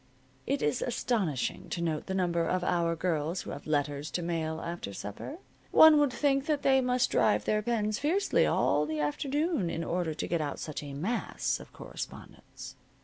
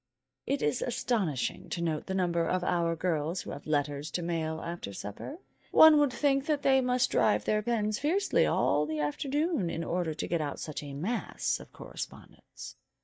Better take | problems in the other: first | noise reduction (neural mask model DeepFilterNet 3)

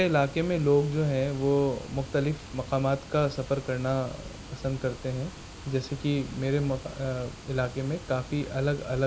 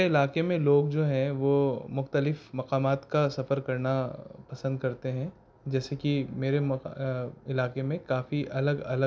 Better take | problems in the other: second | background sound (Water); 15 dB below the speech

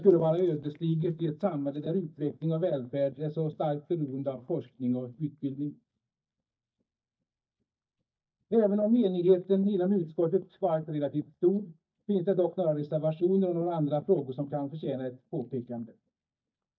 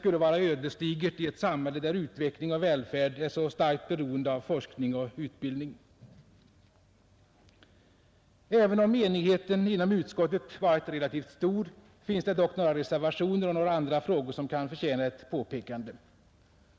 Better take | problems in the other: second | noise reduction (neural mask model DeepFilterNet 3)

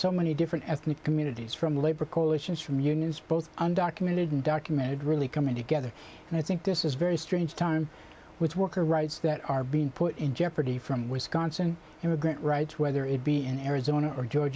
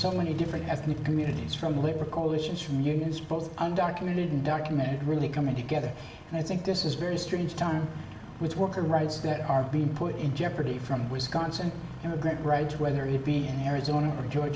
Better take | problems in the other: first | background sound (Engine starting); 13 dB below the speech // room echo; dies away in 1.3 s

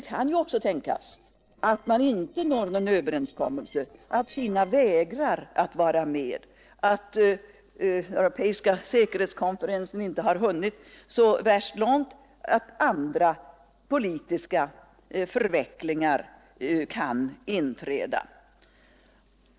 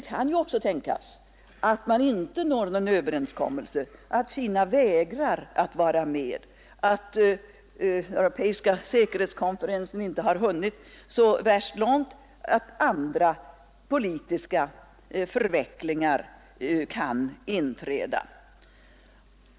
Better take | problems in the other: second | noise reduction (neural separator model SepFormer DNS4)

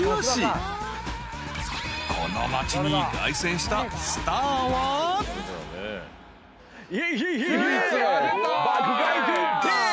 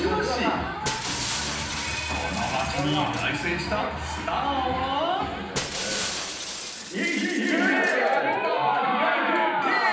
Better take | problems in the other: first | background sound (Shatter); 10 dB below the speech // room echo; dies away in 0.9 s

